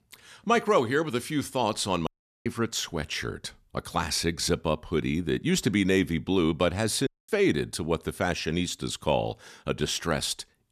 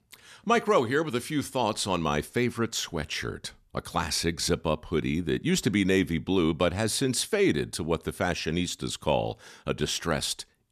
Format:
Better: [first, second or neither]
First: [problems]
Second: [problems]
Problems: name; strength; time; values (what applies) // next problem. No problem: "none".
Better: second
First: audio cutting out; at 2 s and at 7 s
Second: none